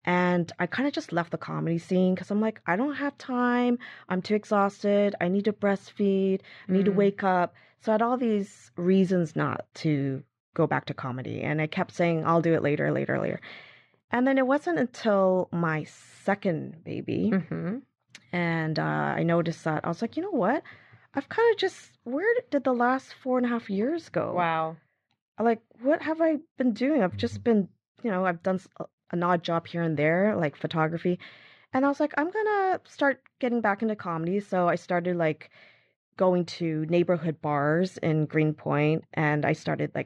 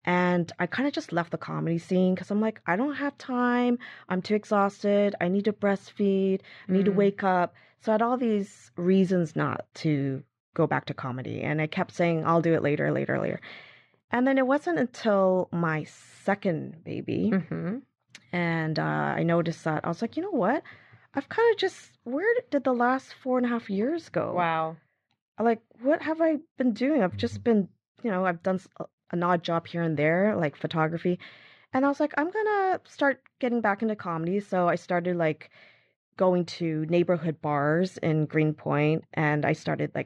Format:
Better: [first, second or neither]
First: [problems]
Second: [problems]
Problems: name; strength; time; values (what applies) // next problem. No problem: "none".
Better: neither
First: muffled; slightly; fading above 3.5 kHz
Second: muffled; slightly; fading above 3.5 kHz